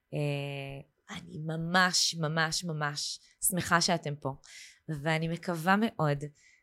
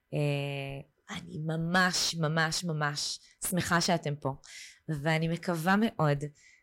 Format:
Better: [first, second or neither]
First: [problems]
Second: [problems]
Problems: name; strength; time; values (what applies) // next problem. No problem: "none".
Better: first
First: none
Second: distortion; slight; 10 dB below the speech